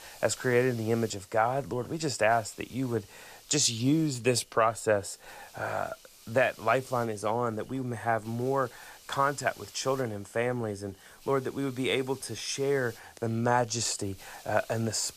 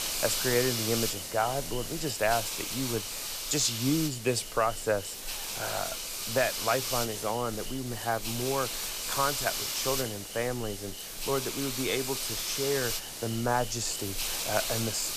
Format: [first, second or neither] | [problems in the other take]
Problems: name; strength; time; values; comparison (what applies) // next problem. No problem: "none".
first | hiss; loud; throughout; 1 dB below the speech; faint in the first